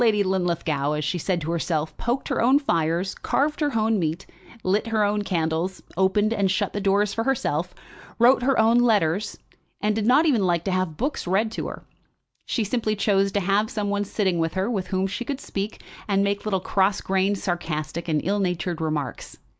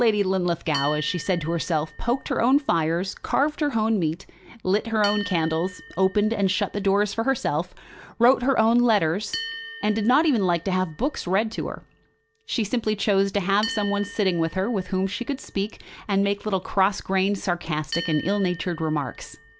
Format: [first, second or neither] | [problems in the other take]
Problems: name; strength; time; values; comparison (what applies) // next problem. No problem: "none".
first | background sound (Bell); 17 dB below the speech